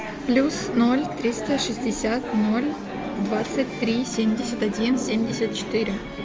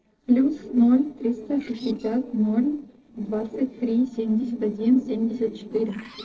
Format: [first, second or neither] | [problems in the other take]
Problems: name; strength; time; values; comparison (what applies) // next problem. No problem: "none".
first | noise reduction (neural separator model SepFormer DNS4)